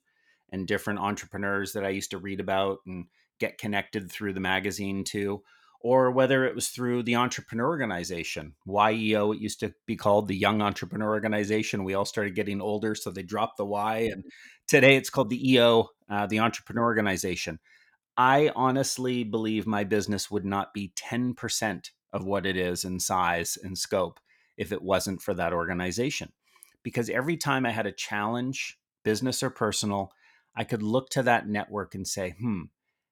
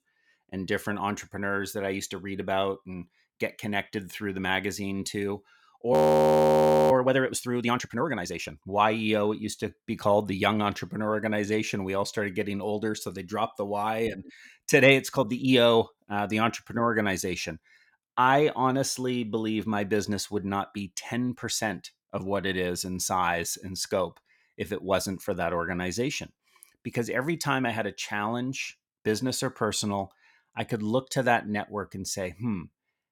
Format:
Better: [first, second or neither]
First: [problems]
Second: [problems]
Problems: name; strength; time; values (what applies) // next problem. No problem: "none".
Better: first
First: none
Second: audio freezing; at 6 s for 1 s